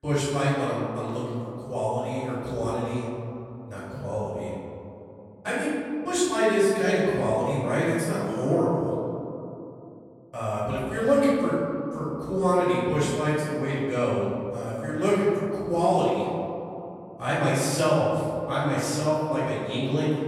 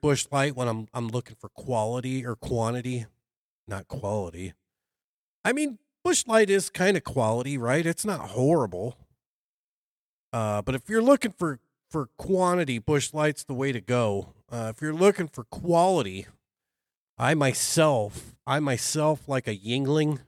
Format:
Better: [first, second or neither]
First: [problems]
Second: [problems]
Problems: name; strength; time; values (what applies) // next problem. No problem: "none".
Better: second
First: off-mic speech; far // room echo; strong; dies away in 2.6 s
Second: none